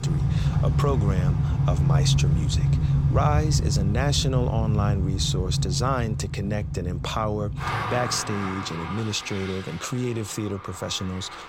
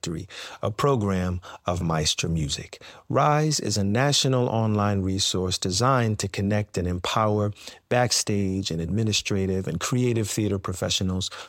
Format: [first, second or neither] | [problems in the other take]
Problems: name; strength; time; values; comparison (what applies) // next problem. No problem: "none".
second | traffic noise; very loud; throughout; 3 dB above the speech